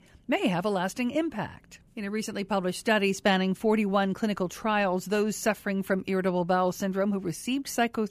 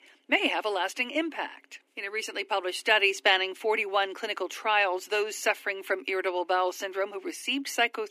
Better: first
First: none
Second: thin; somewhat; fading below 250 Hz

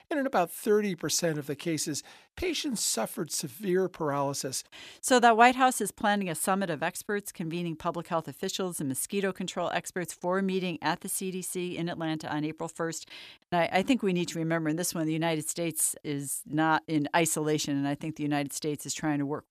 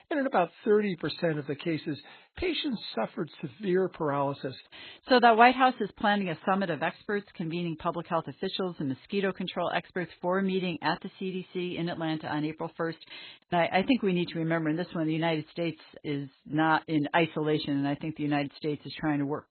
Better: first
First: none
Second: garbled, watery; badly; nothing above 4 kHz

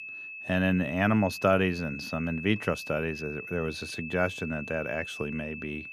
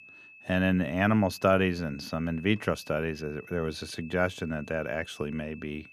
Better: second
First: high-pitched whine; loud; throughout; 2.5 kHz, 9 dB below the speech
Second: high-pitched whine; faint; throughout; 2.5 kHz, 20 dB below the speech

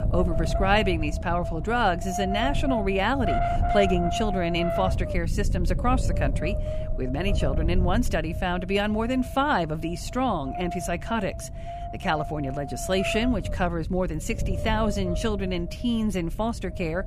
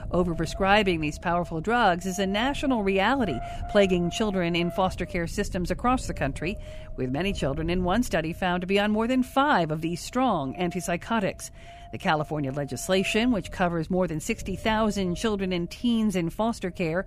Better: second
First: wind noise on the microphone; heavy; 5 dB below the speech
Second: wind noise on the microphone; occasional gusts; 15 dB below the speech

